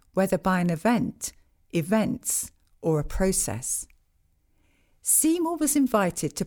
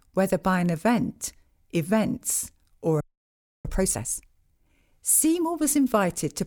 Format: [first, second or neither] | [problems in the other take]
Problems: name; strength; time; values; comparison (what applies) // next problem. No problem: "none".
first | audio freezing; at 3 s for 0.5 s